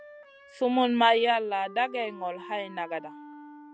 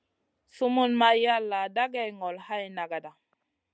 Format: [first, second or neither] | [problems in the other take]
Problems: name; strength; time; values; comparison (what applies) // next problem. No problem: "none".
second | background sound (Wind instrument, woodwind instrument); 19 dB below the speech